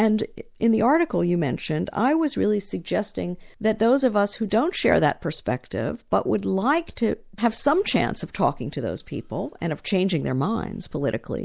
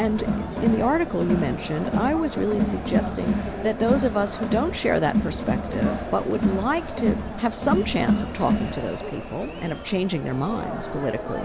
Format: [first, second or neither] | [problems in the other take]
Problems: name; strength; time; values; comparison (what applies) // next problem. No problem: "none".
first | background sound (Crowd); 1 dB below the speech